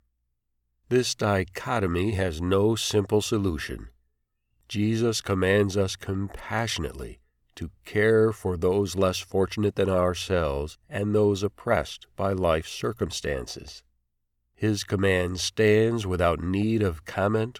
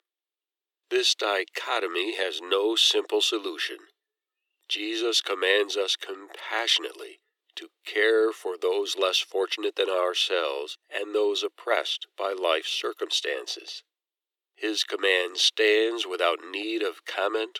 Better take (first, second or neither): first